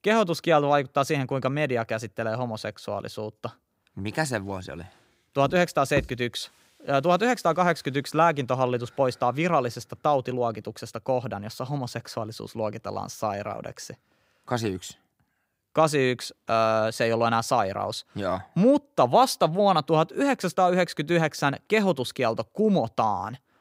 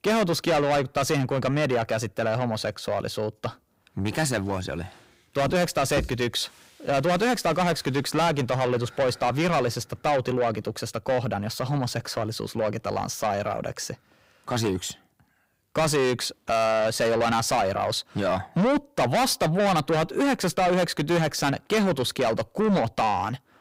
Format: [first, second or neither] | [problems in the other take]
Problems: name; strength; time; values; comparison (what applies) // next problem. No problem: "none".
first | distortion; heavy; 5 dB below the speech